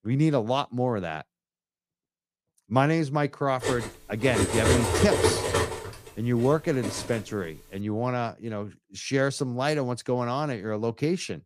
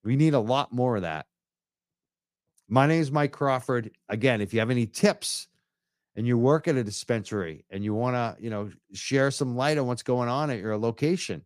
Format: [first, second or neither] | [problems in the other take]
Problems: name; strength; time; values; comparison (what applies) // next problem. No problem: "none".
second | clattering dishes; loud; from 3.5 to 7 s; peak 4 dB above the speech